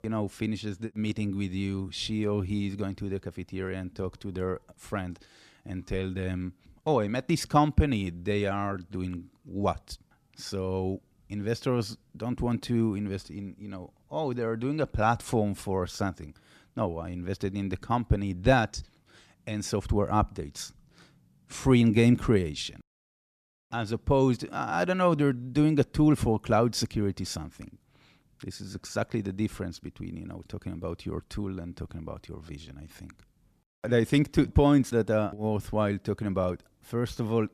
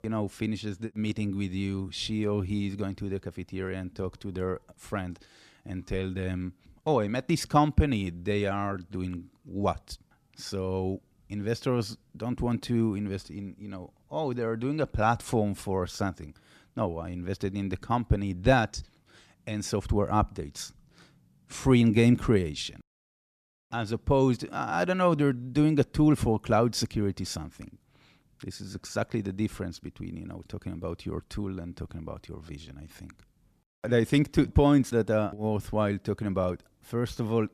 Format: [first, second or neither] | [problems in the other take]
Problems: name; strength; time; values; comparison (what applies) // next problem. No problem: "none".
neither | none